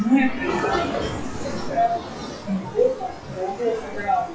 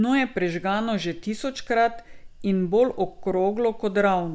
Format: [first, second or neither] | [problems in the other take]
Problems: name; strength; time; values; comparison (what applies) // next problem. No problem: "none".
second | noise reduction (classical method WPE with log-MMSE)